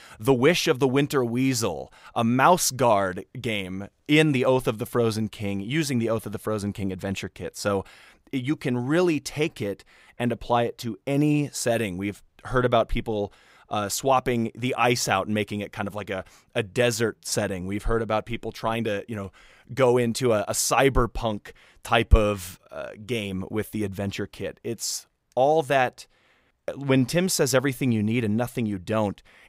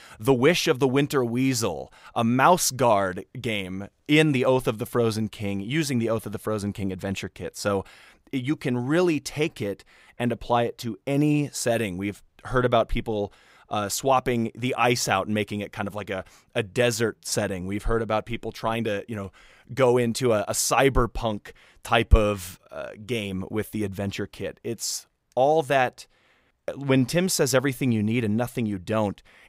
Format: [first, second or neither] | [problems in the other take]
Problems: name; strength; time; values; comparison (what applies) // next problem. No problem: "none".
neither | none